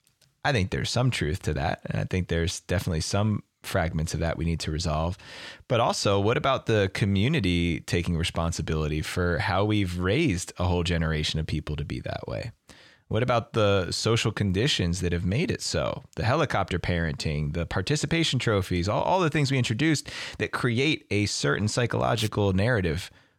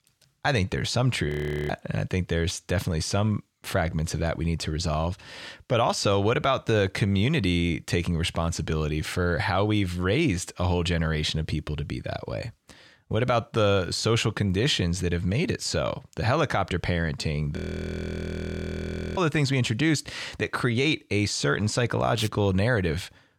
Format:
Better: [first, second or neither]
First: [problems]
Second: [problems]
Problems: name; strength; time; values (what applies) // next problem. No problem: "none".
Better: first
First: none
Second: audio freezing; at 1.5 s and at 18 s for 1.5 s